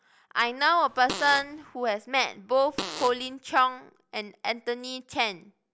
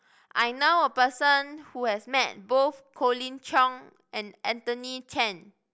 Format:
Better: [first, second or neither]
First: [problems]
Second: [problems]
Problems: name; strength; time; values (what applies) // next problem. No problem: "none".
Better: second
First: background sound (Fart); 9 dB below the speech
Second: none